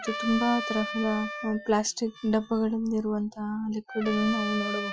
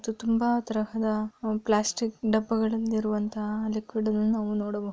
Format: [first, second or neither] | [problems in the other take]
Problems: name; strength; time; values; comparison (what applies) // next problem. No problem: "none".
second | noise reduction (classical method Wiener filter)